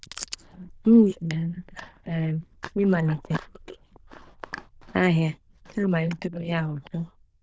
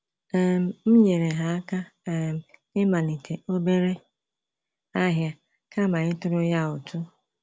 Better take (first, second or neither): second